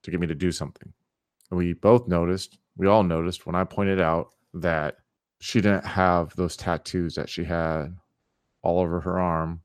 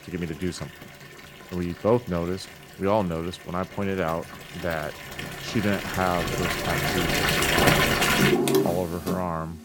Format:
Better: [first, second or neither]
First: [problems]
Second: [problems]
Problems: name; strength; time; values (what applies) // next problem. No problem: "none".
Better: first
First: none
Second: household noises; very loud; throughout; 5 dB above the speech